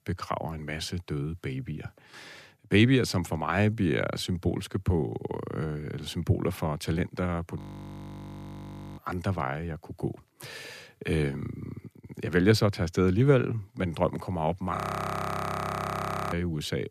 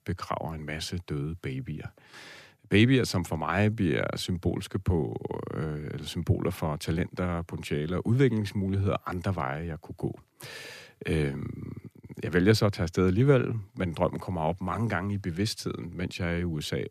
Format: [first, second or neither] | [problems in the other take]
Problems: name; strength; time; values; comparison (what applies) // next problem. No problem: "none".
second | audio freezing; at 7.5 s for 1.5 s and at 15 s for 1.5 s